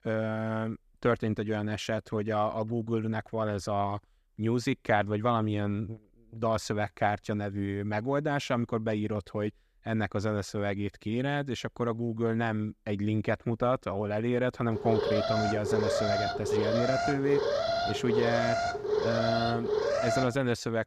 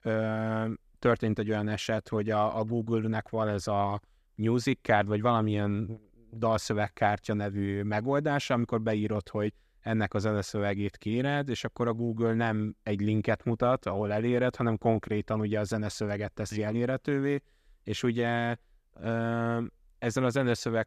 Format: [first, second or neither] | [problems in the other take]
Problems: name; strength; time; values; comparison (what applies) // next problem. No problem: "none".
second | alarm; loud; from 15 to 20 s; peak 3 dB above the speech